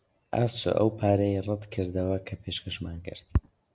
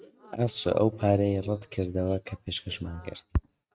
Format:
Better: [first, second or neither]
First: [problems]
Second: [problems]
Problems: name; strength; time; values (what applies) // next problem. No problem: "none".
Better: first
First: none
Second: noise reduction (neural mask model RNNoise)